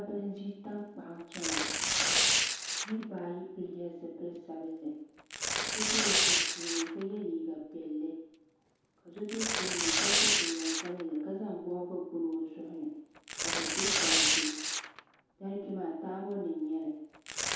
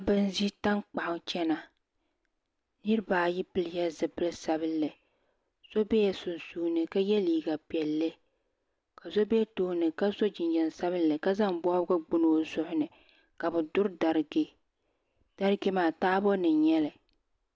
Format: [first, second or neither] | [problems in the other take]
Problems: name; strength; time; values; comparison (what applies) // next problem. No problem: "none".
second | background sound (Tearing); 5 dB above the speech // room echo; dies away in 0.8 s